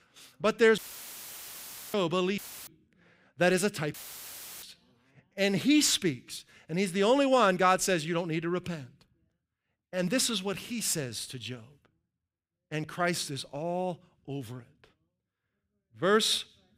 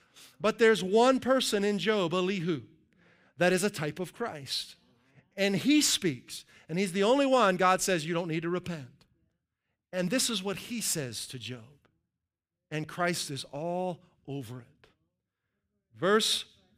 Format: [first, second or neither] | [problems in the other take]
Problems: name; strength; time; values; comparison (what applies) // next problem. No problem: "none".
second | audio cutting out; filled with static; at 1 s for 1 s, at 2.5 s and at 4 s for 0.5 s